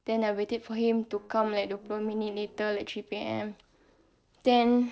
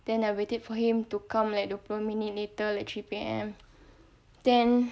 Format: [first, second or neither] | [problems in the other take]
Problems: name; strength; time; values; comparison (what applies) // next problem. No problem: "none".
second | noise reduction (neural separator model SepFormer DNS4)